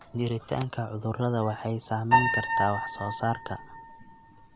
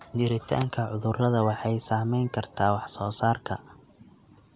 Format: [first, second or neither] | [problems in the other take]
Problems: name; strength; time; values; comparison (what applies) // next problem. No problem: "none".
second | background sound (Piano); 1 dB below the speech